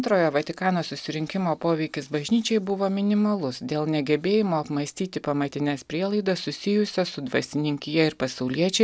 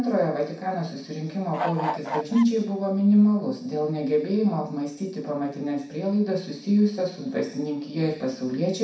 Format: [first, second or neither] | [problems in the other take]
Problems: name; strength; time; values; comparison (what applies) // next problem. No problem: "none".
first | background sound (Bird / Fowl); 5 dB below the speech // room echo; dies away in 0.6 s